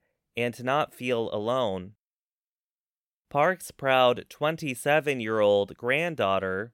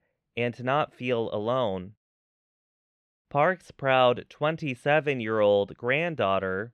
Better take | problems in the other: first | muffled; slightly; fading above 3.5 kHz

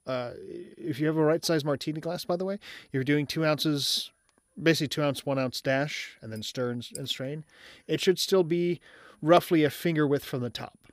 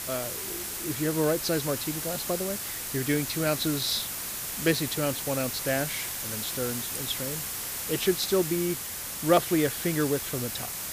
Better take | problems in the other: first | hiss; loud; throughout; 2 dB below the speech

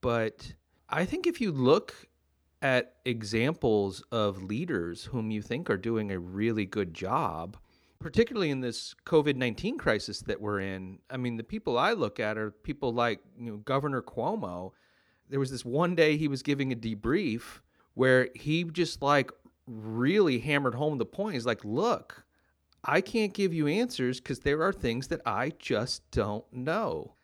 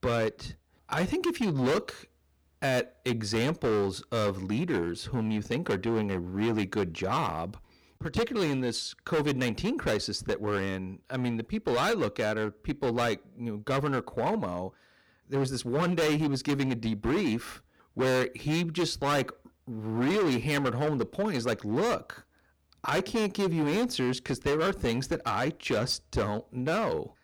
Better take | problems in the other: first | distortion; heavy; 14% of the sound clipped

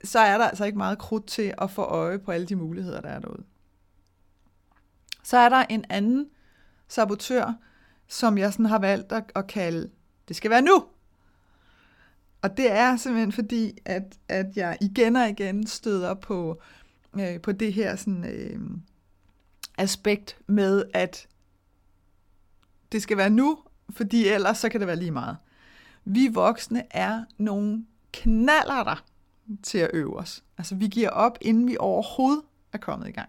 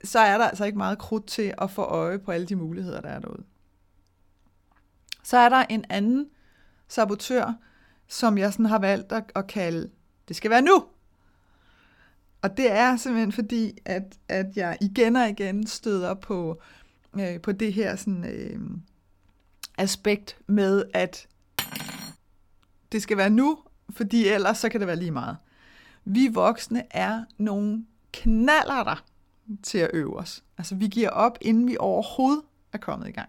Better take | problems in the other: first | clattering dishes; noticeable; at 22 s; peak 6 dB below the speech

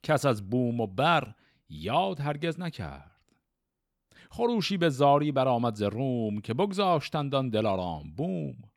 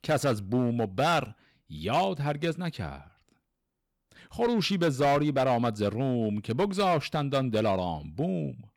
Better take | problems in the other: first | distortion; slight; 6% of the sound clipped

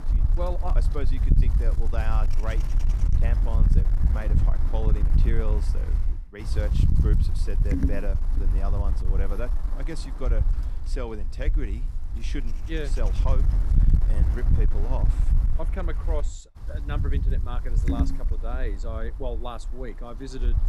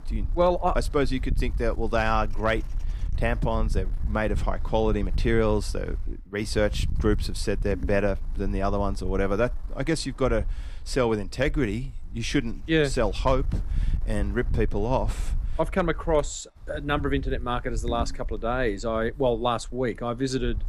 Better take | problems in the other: second | wind noise on the microphone; heavy; 4 dB below the speech; occasional gusts in the second

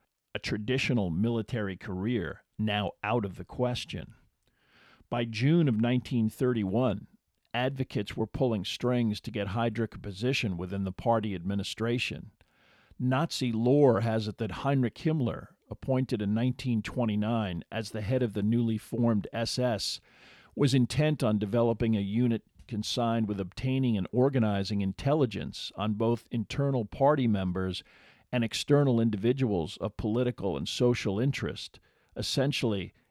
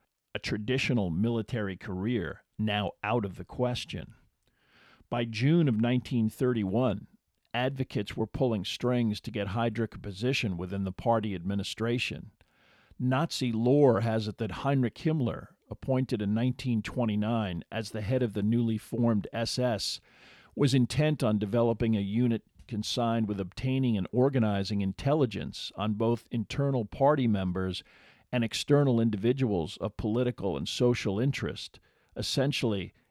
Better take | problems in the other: neither | none

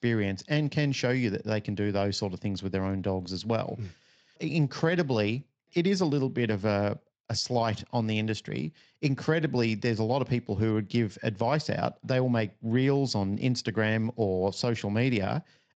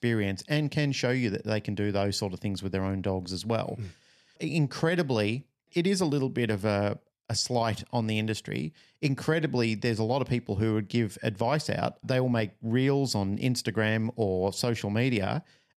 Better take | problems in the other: second | garbled, watery; slightly; nothing above 7.5 kHz

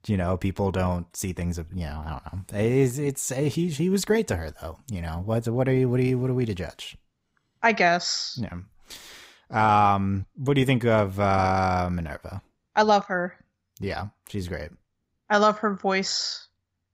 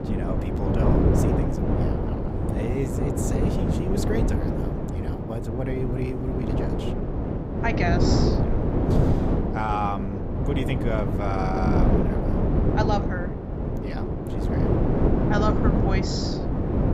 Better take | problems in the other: first | wind noise on the microphone; heavy; 1 dB above the speech

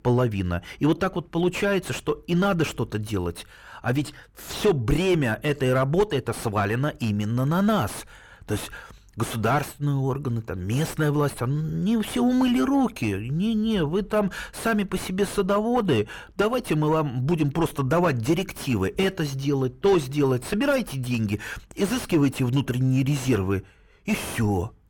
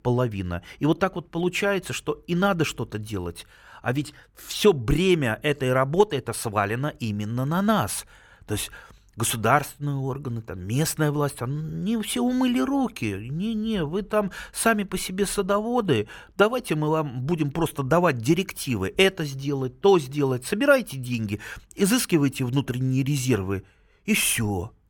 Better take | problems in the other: second | distortion; heavy; 7 dB below the speech

